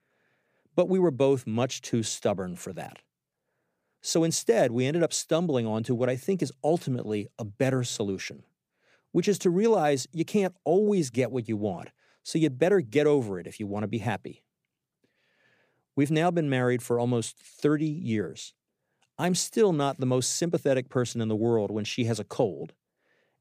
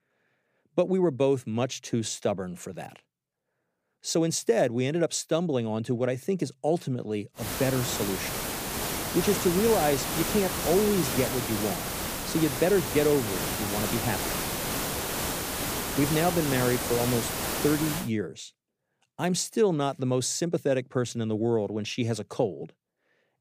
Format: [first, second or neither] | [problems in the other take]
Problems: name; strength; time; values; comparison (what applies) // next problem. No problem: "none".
first | hiss; loud; from 7.5 to 18 s; 2 dB below the speech